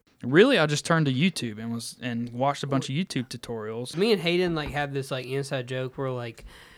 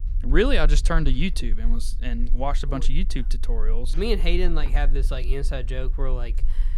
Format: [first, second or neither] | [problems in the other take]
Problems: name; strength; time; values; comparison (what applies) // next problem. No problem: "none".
first | low rumble; faint; throughout; 20 dB below the speech